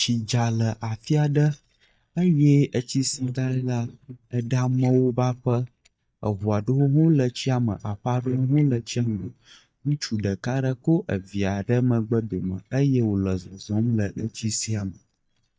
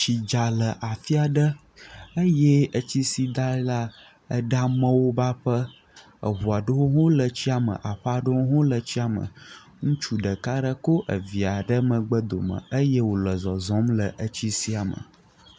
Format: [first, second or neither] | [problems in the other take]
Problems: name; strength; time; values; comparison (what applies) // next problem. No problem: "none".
second | noise reduction (neural mask model DeepFilterNet 3)